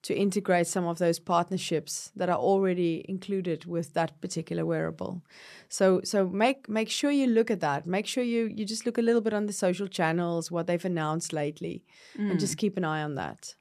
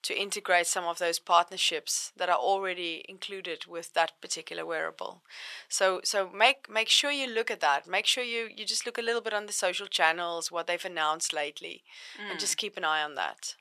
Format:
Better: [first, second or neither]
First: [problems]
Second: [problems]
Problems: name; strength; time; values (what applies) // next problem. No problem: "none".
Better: first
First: none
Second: thin; very; fading below 900 Hz